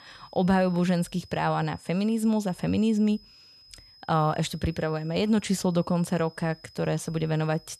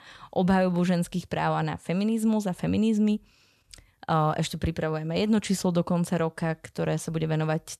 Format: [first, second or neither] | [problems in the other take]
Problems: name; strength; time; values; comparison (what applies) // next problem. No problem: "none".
second | high-pitched whine; faint; throughout; 5 kHz, 25 dB below the speech